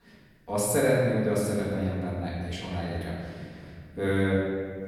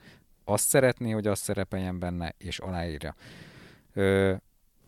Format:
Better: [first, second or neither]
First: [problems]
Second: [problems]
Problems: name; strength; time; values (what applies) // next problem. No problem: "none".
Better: second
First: off-mic speech; far // room echo; noticeable; dies away in 2 s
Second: none